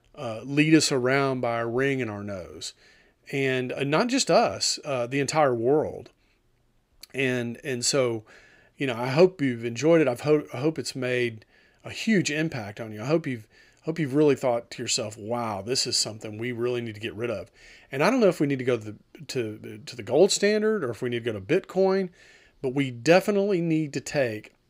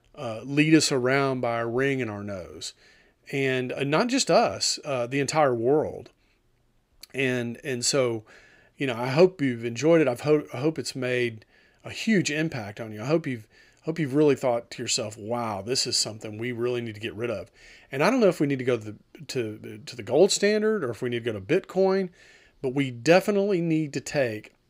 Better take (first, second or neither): neither